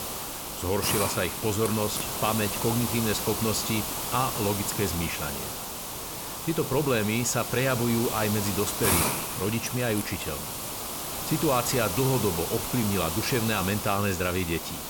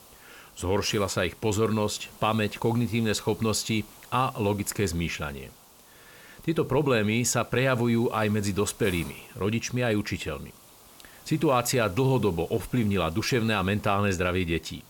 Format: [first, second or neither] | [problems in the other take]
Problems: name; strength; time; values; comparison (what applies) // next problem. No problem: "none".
second | hiss; loud; throughout; 2 dB below the speech; faint in the second